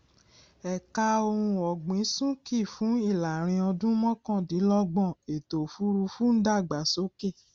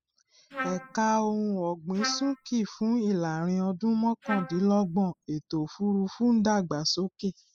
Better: first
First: none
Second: noise reduction (classical method spectral subtraction)

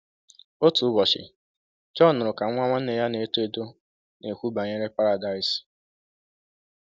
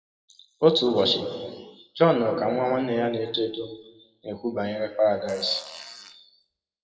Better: first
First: none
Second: noise reduction (classical method WPE with log-MMSE)

